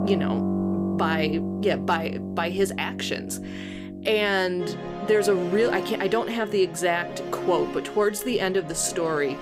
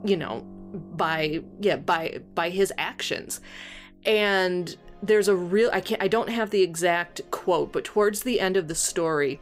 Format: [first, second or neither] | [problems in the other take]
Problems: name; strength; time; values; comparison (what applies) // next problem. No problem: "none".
second | background music; loud; throughout; 6 dB below the speech; faint in the second